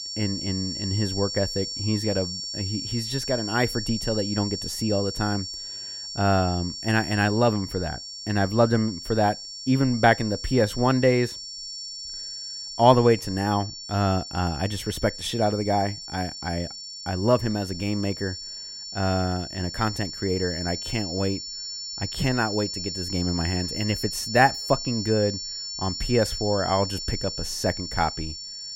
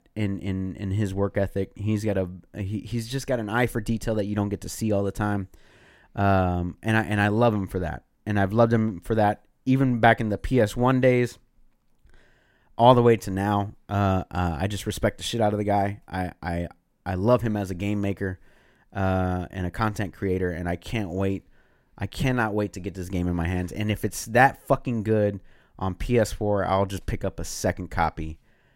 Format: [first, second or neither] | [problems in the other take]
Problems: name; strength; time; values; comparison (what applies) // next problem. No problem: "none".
second | high-pitched whine; loud; throughout; 5.5 kHz, 7 dB below the speech